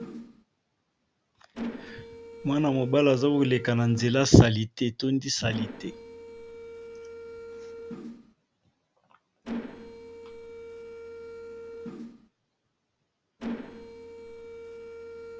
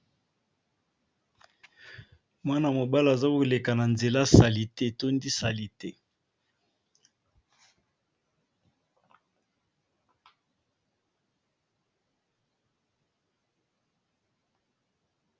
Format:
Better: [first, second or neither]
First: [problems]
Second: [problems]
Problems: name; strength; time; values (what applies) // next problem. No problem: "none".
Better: second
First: background sound (Mechanisms); 13 dB below the speech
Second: none